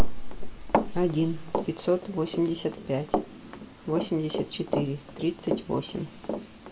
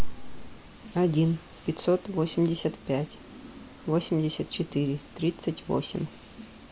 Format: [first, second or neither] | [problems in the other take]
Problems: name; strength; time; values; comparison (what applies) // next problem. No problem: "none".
second | background sound (Run); 6 dB below the speech // room echo; dies away in 2 s